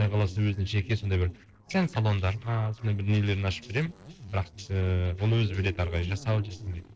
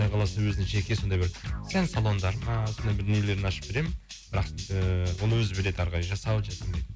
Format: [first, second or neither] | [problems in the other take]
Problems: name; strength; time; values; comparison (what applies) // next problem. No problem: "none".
second | noise reduction (neural separator model SepFormer DNS4)